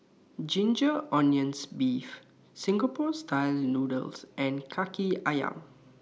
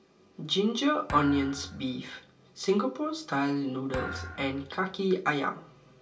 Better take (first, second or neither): first